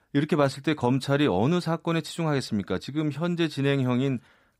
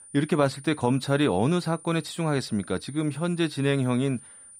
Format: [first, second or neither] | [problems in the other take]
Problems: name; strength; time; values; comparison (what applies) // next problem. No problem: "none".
first | high-pitched whine; noticeable; throughout; 9.5 kHz, 20 dB below the speech